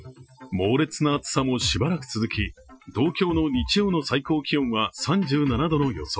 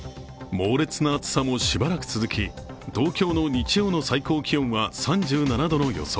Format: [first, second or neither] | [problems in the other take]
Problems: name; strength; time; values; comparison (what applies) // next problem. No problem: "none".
second | noise reduction (classical method Wiener filter)